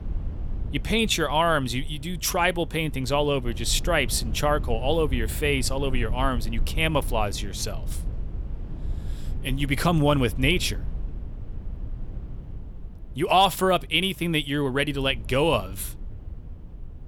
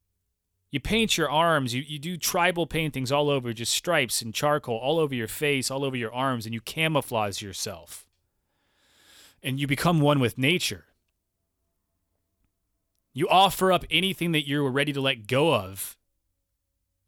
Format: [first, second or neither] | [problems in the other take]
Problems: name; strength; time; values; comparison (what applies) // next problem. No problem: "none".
second | low rumble; faint; throughout; 25 dB below the speech